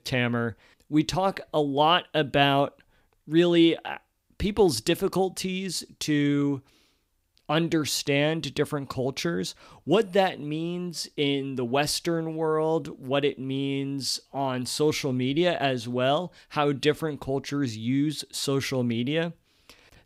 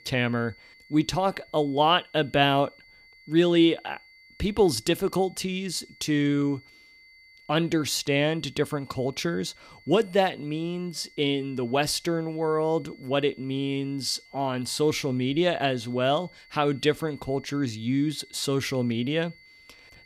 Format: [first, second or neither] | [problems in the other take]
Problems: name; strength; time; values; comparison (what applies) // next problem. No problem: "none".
first | high-pitched whine; faint; throughout; 2 kHz, 25 dB below the speech